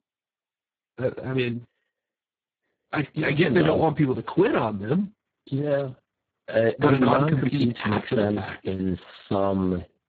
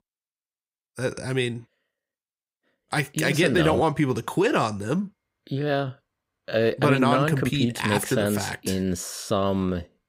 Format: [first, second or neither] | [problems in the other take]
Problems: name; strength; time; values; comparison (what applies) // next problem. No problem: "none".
second | garbled, watery; badly